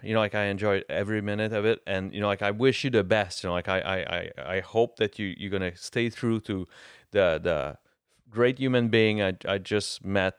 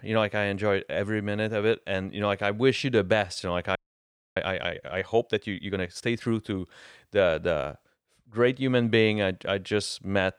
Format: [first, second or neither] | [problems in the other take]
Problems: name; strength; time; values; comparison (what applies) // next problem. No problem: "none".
first | audio freezing; at 4 s for 0.5 s